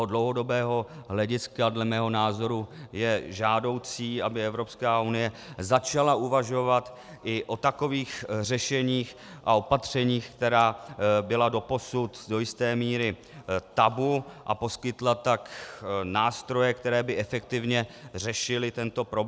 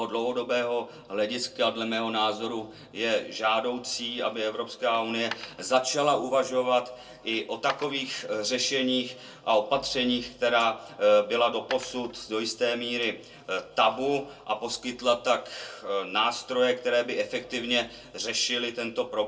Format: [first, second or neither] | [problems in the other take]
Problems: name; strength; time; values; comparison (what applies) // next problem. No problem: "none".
first | background sound (Coin (dropping)); 16 dB below the speech // room echo; dies away in 0.2 s